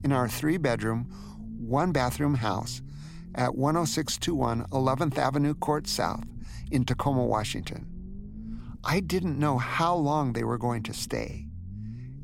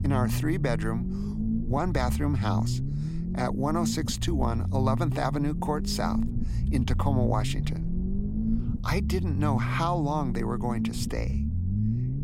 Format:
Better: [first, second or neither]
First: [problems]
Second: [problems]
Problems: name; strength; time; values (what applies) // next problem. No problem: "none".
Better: first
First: low rumble; faint; throughout; 25 dB below the speech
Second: low rumble; loud; throughout; 8 dB below the speech